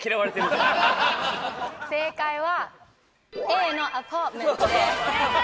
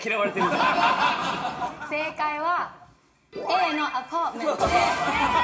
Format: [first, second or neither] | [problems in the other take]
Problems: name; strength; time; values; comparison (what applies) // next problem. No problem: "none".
first | room echo; dies away in 0.4 s